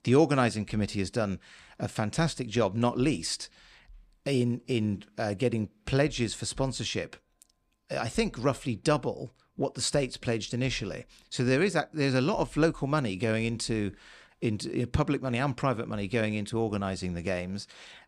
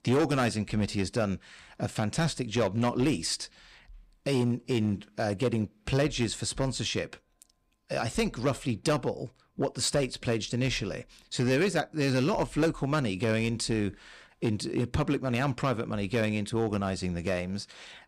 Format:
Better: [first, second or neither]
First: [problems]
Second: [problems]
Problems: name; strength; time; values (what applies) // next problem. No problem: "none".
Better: first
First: none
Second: distortion; slight; 5% of the sound clipped